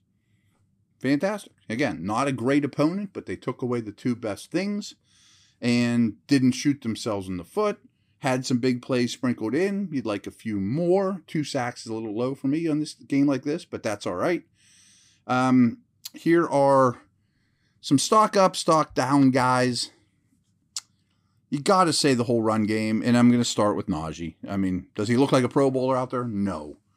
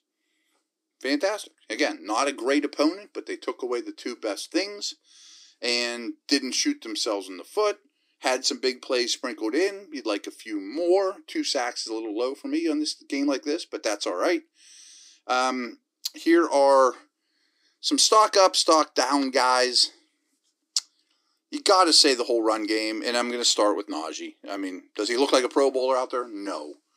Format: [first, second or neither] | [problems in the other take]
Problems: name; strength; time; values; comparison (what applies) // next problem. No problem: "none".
first | thin; somewhat; fading below 300 Hz